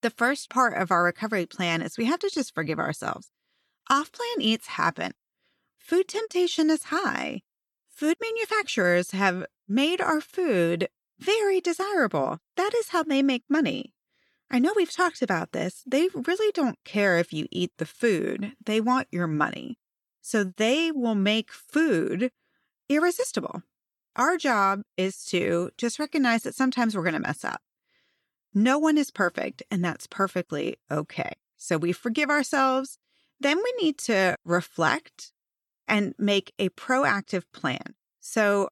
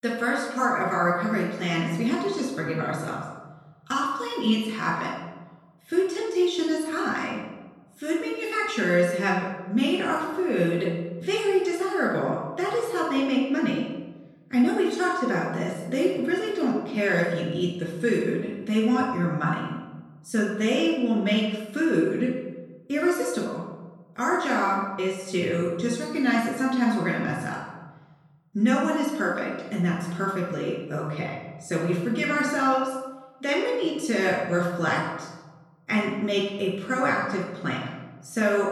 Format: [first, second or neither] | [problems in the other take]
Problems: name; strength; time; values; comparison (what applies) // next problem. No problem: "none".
first | off-mic speech; far // room echo; noticeable; dies away in 1.1 s